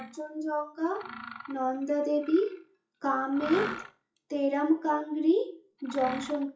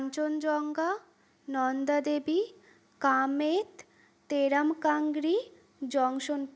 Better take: second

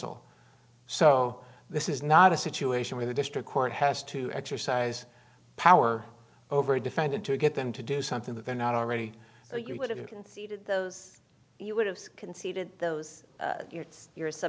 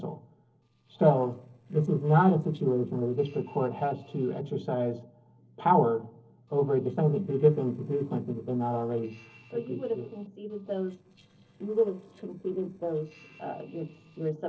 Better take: first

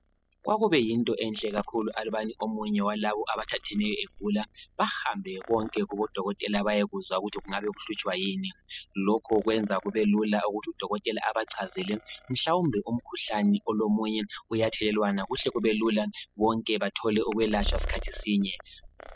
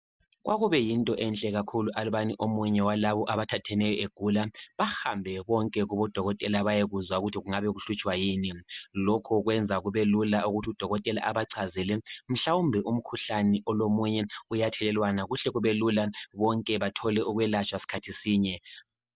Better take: second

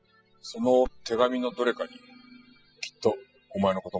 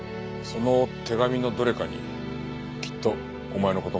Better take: second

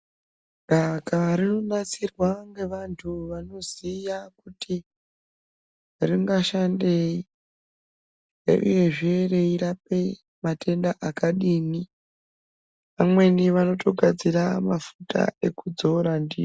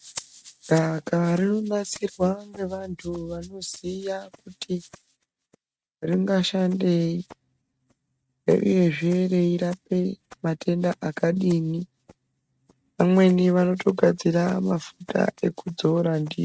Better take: first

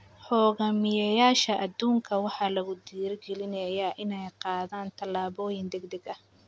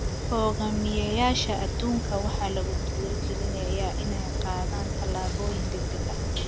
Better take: first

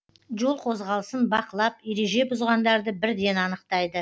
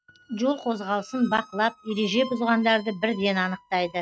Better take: first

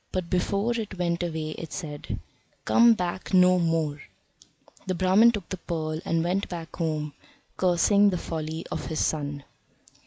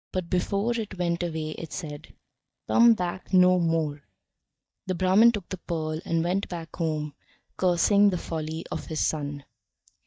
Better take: first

